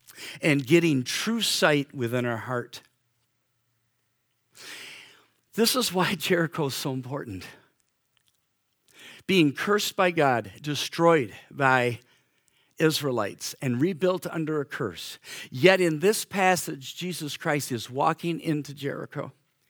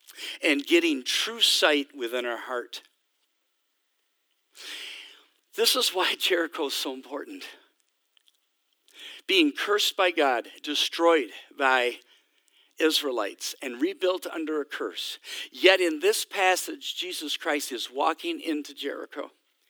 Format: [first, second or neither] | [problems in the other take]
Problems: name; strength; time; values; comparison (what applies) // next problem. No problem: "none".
first | thin; very slightly; fading below 300 Hz